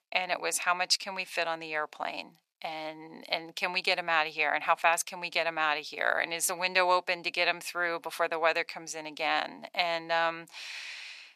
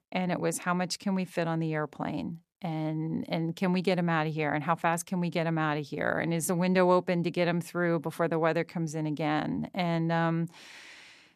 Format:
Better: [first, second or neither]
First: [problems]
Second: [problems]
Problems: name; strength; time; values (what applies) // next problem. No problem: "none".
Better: second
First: thin; very; fading below 800 Hz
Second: none